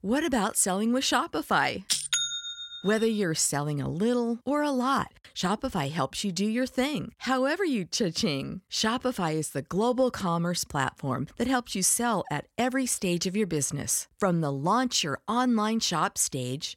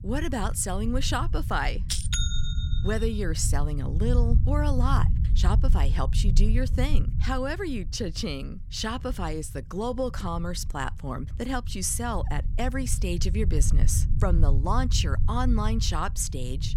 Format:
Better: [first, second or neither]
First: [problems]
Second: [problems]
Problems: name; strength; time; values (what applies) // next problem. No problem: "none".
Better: first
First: none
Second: low rumble; noticeable; throughout; 15 dB below the speech